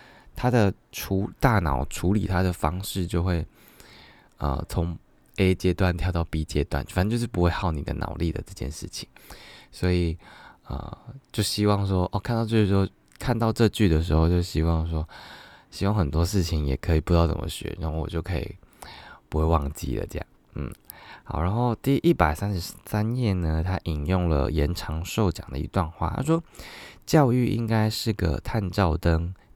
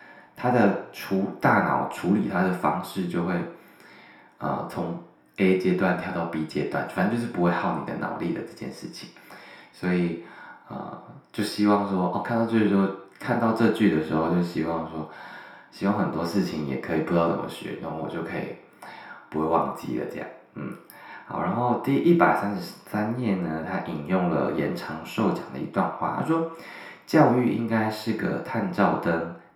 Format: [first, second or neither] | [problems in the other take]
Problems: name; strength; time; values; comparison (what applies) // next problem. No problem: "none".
first | room echo; slight; dies away in 0.6 s // off-mic speech; far